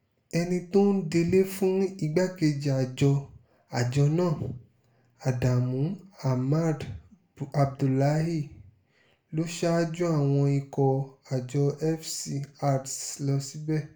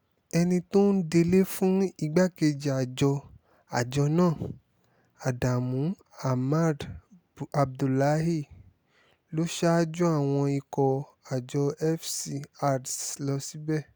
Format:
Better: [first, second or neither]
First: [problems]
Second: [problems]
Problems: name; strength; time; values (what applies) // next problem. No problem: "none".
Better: second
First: room echo; dies away in 0.3 s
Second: none